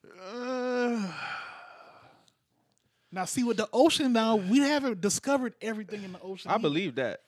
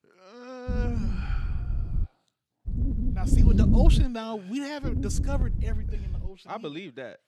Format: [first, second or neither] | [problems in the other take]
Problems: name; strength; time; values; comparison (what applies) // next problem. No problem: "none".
first | wind noise on the microphone; heavy; from 0.5 to 2 s, from 2.5 to 4 s and from 5 to 6.5 s; 3 dB below the speech